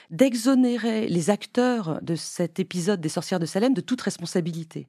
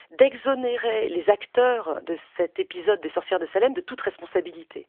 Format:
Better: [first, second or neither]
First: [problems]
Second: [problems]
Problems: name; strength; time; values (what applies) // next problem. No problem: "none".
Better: first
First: none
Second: phone-call audio; nothing above 3 kHz